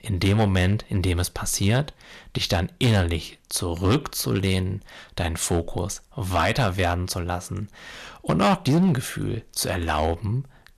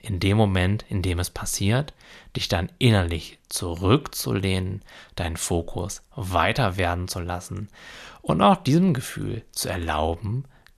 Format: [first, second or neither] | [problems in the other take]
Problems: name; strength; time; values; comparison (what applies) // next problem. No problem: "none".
second | distortion; slight; 5% of the sound clipped